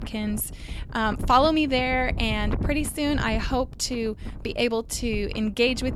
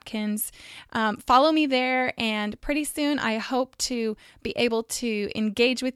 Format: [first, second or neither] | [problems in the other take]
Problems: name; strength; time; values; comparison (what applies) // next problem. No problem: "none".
second | wind noise on the microphone; occasional gusts; 20 dB below the speech